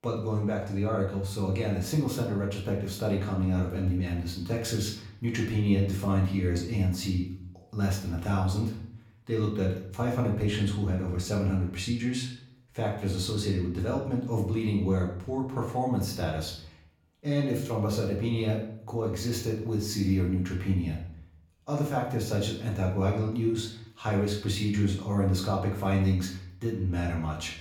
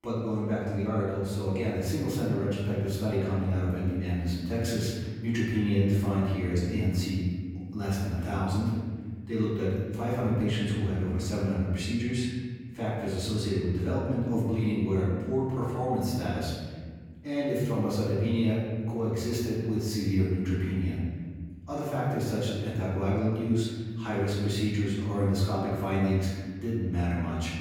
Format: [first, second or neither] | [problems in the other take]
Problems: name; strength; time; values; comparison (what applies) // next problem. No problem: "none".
first | room echo; strong; dies away in 1.8 s; slight in the first // off-mic speech; far; far in the first